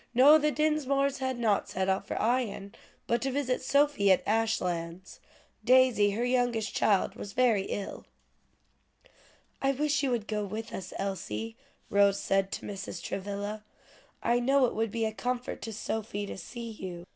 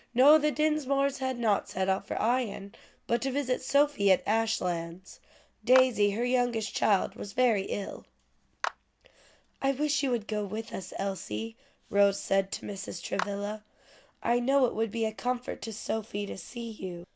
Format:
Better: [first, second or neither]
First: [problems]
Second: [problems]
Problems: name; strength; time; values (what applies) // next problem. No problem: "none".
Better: first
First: none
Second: background sound (Clapping); 12 dB below the speech